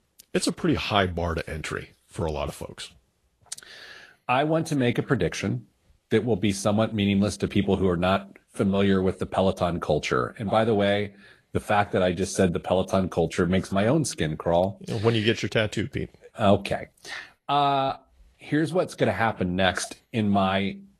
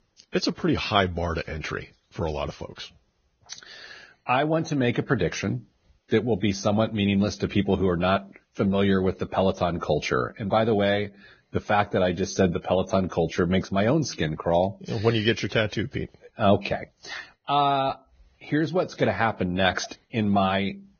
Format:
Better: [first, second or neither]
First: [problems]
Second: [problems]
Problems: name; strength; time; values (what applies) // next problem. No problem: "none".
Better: first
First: garbled, watery; slightly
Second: garbled, watery; badly; nothing above 6.5 kHz